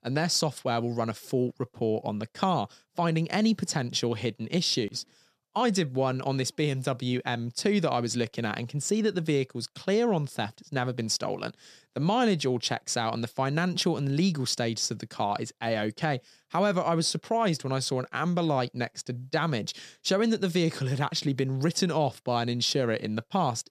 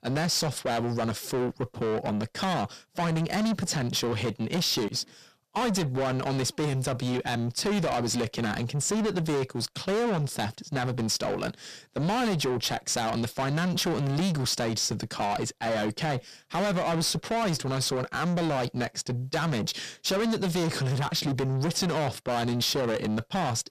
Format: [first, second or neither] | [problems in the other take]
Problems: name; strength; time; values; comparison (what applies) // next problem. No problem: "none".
first | distortion; heavy; 6 dB below the speech